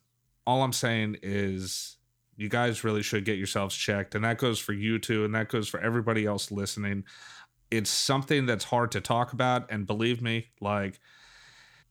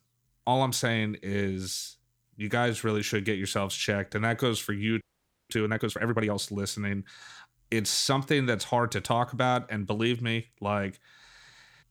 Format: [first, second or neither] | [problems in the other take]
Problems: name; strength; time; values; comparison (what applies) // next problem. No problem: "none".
first | audio freezing; at 5 s